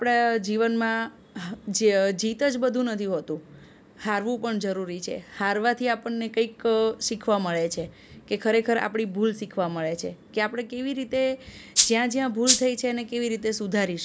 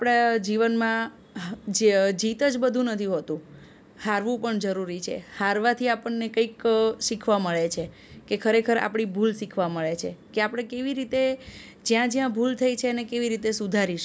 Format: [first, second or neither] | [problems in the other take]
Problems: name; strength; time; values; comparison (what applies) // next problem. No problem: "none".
second | background sound (Rattle (instrument)); 3 dB above the speech